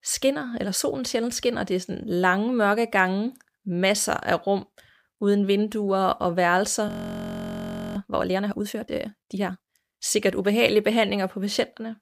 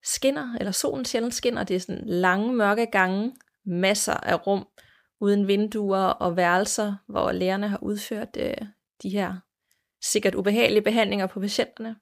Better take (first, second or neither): second